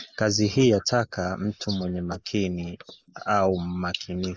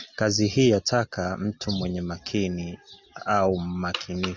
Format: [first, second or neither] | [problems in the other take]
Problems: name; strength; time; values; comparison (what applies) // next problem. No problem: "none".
second | noise reduction (neural mask model Resemble Enhance denoiser)